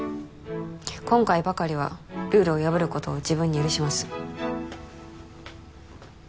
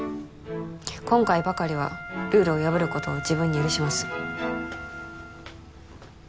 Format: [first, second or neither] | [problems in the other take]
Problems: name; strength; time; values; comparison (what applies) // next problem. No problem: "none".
first | background sound (Wind instrument, woodwind instrument); 12 dB below the speech